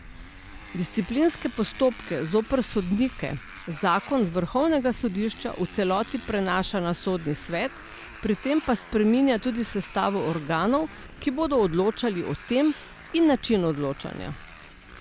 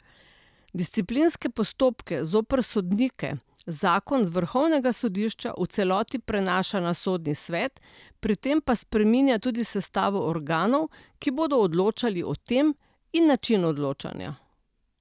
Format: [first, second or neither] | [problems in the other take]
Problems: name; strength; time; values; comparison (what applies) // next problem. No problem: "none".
second | background sound (Motorcycle); 16 dB below the speech